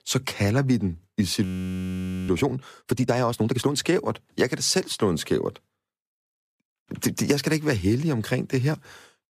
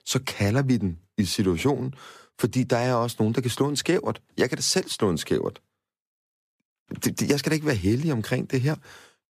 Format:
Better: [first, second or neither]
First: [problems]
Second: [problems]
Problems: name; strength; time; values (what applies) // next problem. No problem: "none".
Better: second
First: audio freezing; at 1.5 s for 1 s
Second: none